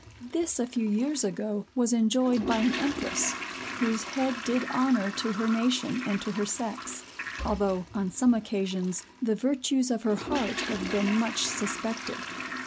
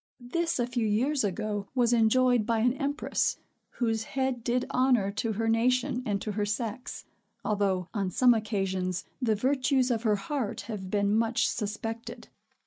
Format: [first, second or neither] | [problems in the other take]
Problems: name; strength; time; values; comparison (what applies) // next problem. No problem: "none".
second | background sound (Toilet flush); 9 dB below the speech